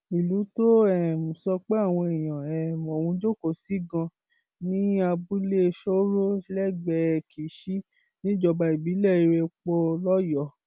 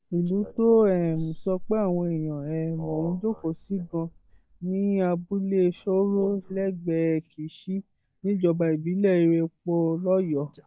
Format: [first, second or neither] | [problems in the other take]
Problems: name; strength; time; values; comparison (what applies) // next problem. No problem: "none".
first | noise reduction (neural mask model DeepFilterNet 3)